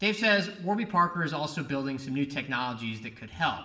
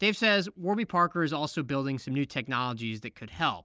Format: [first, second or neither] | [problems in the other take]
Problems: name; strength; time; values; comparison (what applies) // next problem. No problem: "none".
second | room echo; dies away in 1 s